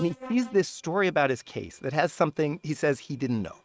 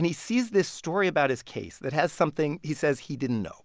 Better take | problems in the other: second | noise reduction (neural mask model RNNoise)

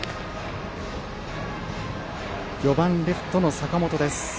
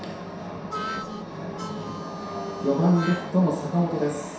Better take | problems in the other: first | background sound (Harmonica); 10 dB below the speech // room echo; dies away in 0.7 s

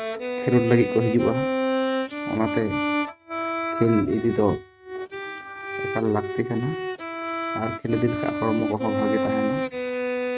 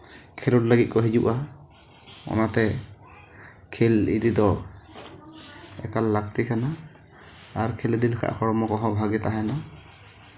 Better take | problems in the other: second | noise reduction (neural mask model RNNoise)

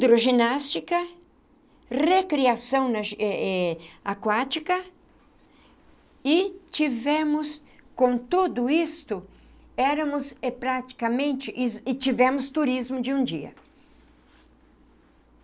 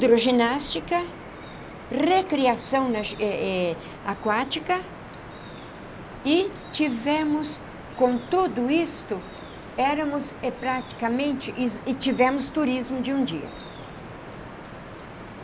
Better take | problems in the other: first | background sound (Drip); 14 dB below the speech

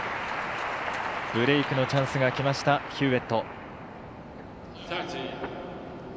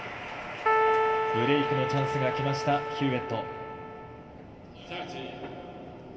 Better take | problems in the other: first | background sound (Keyboard (musical)); 3 dB above the speech // room echo; dies away in 2 s

